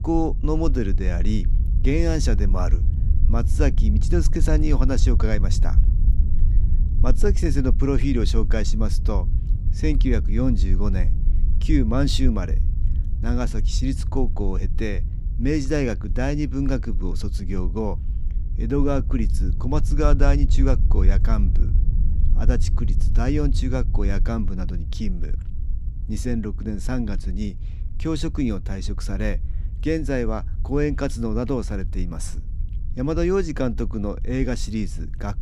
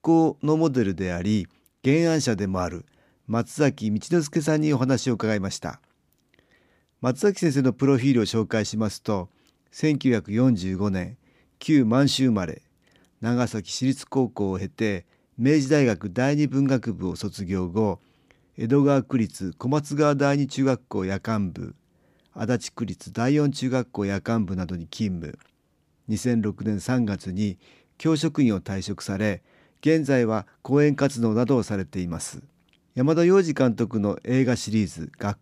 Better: second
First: low rumble; noticeable; throughout; 15 dB below the speech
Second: none

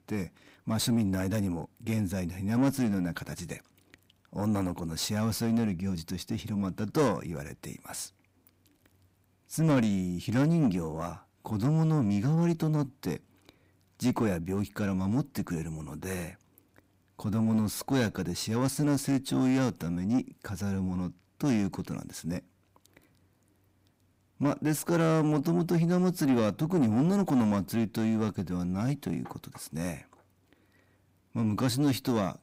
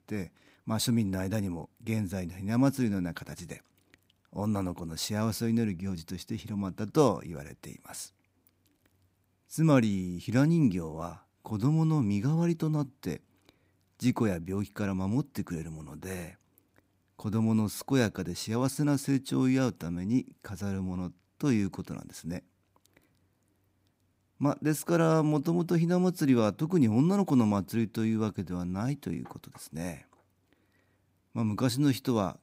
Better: second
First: distortion; slight; 10 dB below the speech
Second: none

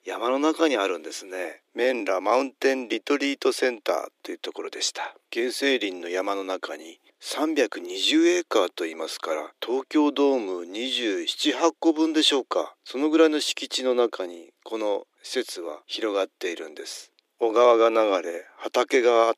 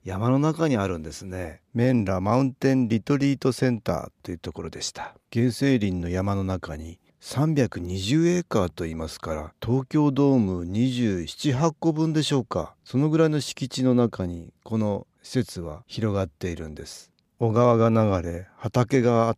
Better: second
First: thin; somewhat; fading below 300 Hz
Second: none

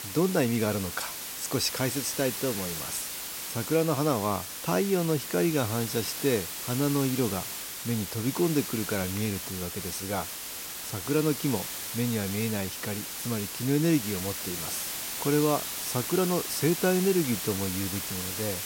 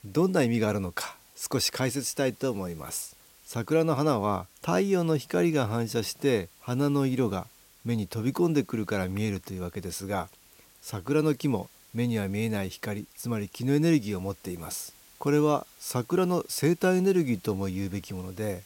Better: second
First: hiss; loud; throughout; 4 dB below the speech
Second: hiss; faint; throughout; 25 dB below the speech

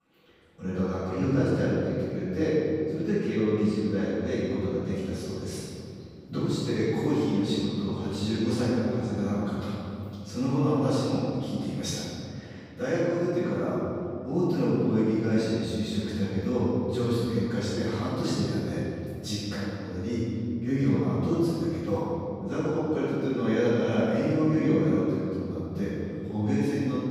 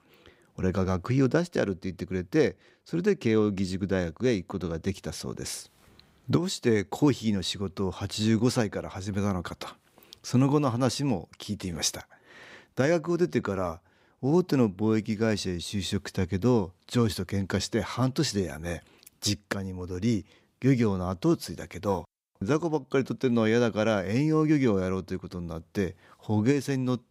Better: second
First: room echo; strong; dies away in 3 s // off-mic speech; far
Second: none

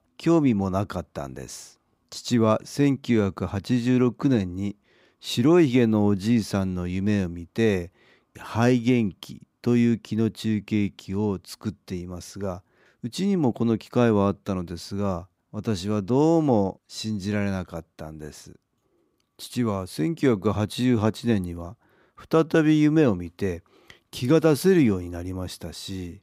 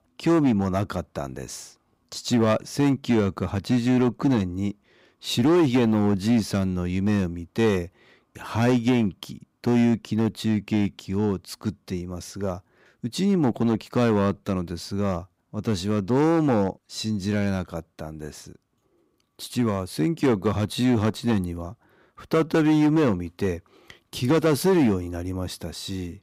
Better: first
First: none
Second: distortion; slight; 6% of the sound clipped

